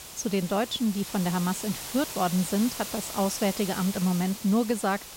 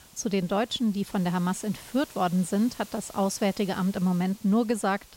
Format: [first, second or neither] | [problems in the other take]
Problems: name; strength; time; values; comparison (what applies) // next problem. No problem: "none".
second | hiss; loud; throughout; 8 dB below the speech; faint in the second